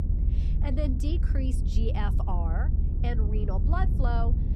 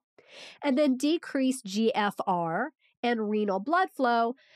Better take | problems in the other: second | low rumble; loud; throughout; 6 dB below the speech

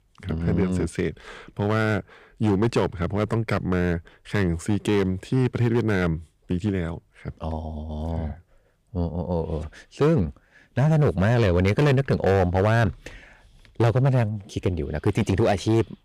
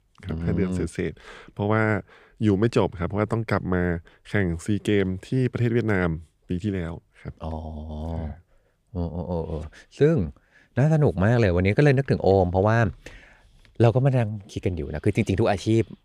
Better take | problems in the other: second | distortion; slight; 7% of the sound clipped

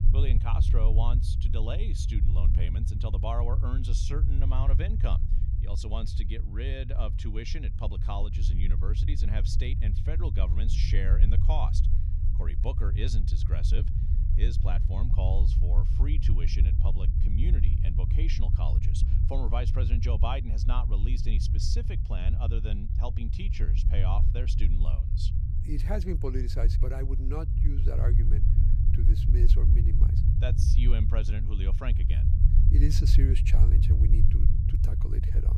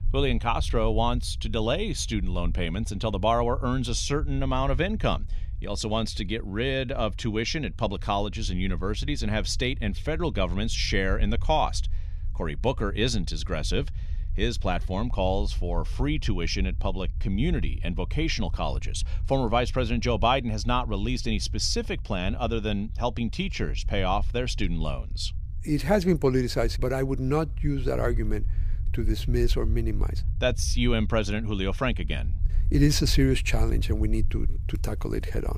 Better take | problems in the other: second | low rumble; loud; throughout; 4 dB below the speech; faint in the second

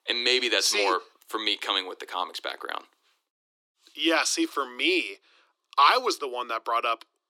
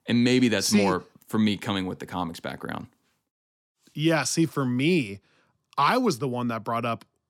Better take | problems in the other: second | thin; very; fading below 350 Hz

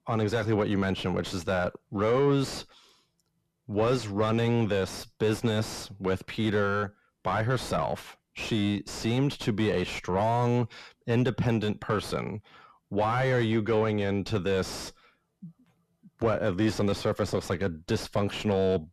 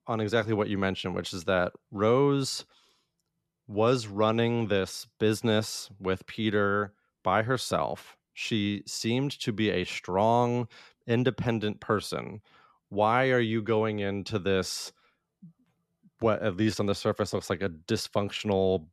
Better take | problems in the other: second | distortion; heavy; 6 dB below the speech

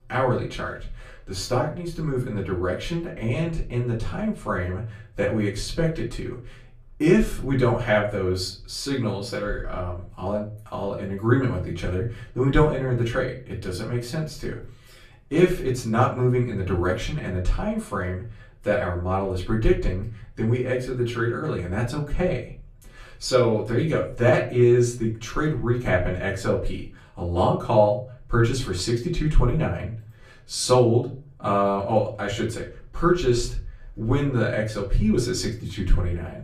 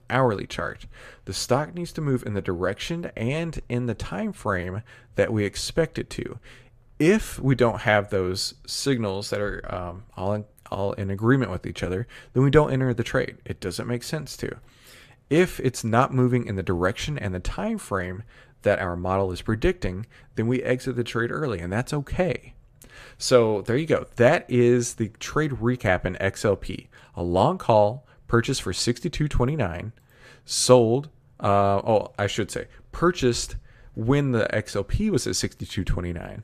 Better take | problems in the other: second | room echo; slight; dies away in 0.4 s // off-mic speech; far

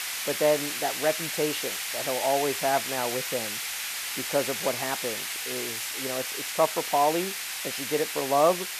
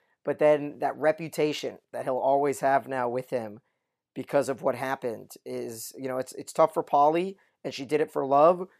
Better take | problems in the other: second | hiss; loud; throughout; 2 dB below the speech

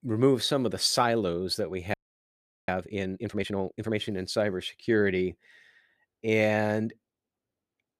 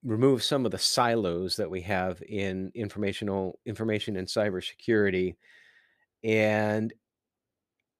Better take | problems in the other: second | audio freezing; at 2 s for 0.5 s

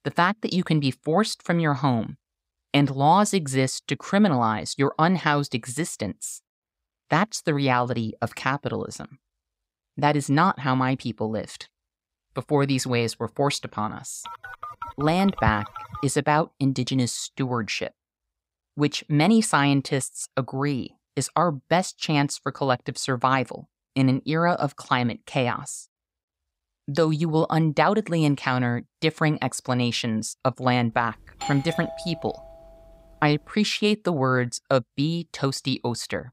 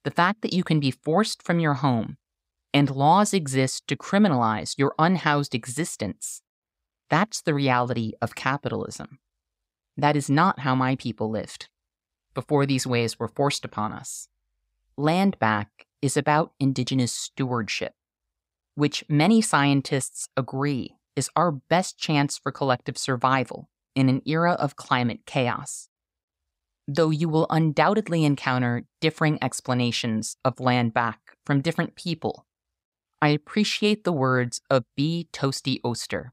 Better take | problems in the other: second | phone ringing; noticeable; from 14 to 16 s; peak 6 dB below the speech // doorbell; noticeable; from 31 to 33 s; peak 9 dB below the speech

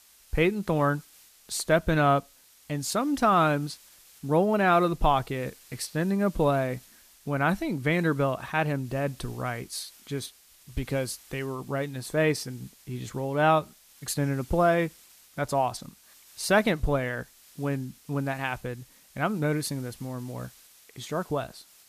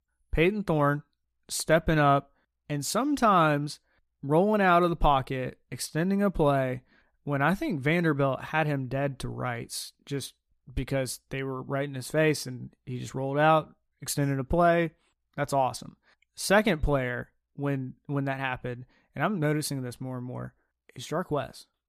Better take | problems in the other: second | hiss; faint; throughout; 25 dB below the speech

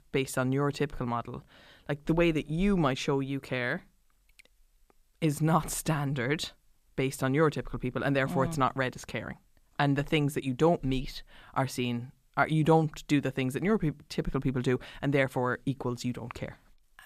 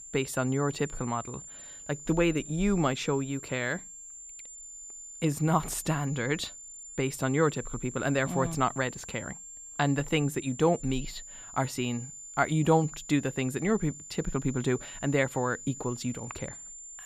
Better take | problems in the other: first | high-pitched whine; noticeable; throughout; 7.5 kHz, 10 dB below the speech

